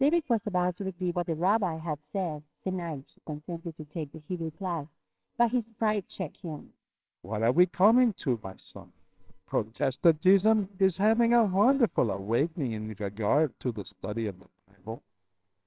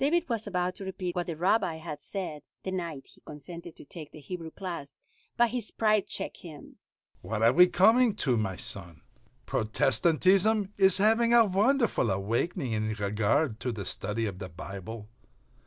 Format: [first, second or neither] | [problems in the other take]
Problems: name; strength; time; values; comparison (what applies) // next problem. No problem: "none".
second | noise reduction (neural separator model SepFormer WHAMR!)